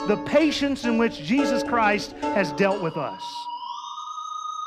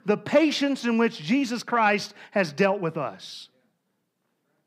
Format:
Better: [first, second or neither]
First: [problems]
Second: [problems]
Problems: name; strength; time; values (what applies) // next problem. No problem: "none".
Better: second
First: background music; loud; throughout; 8 dB below the speech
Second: none